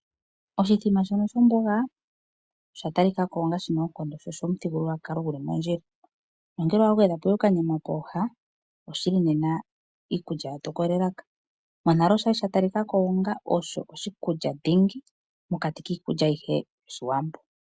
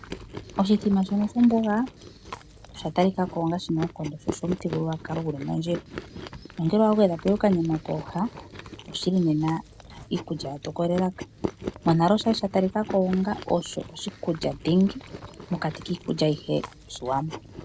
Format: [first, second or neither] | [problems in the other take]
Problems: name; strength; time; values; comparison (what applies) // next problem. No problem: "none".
first | background sound (Chewing, mastication); 13 dB below the speech